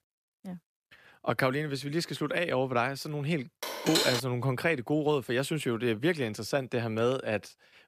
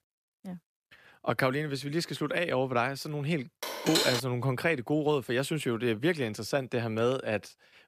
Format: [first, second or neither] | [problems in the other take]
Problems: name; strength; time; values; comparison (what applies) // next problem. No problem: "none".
neither | phone ringing; loud; at 3.5 s; peak 3 dB above the speech; the same in both